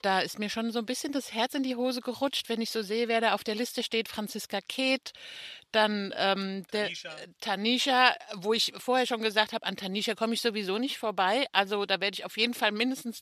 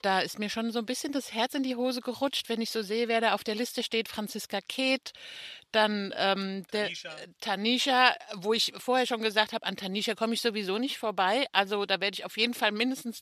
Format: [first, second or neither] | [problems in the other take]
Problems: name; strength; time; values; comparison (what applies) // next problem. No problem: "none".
neither | thin; very slightly; fading below 1 kHz; the same in both